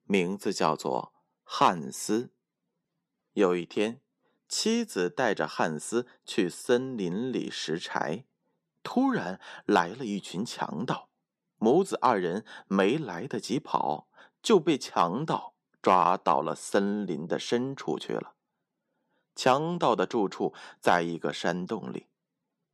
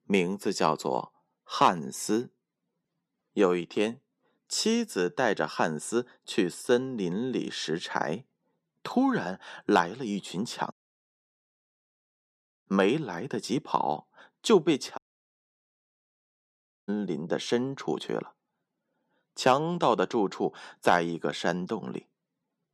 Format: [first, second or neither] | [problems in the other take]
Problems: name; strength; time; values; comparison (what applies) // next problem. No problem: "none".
first | audio cutting out; at 11 s for 2 s and at 15 s for 2 s